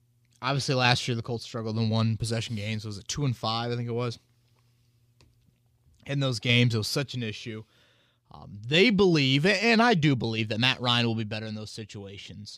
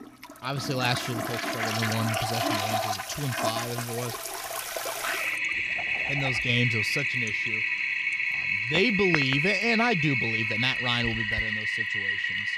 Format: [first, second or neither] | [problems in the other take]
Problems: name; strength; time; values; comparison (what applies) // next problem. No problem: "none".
first | household noises; very loud; throughout; 2 dB above the speech